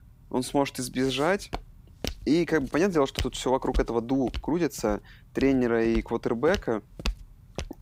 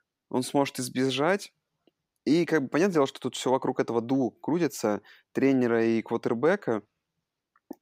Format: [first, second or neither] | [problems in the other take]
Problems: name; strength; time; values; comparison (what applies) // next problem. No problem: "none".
second | footsteps; noticeable; from 1.5 s on; peak 8 dB below the speech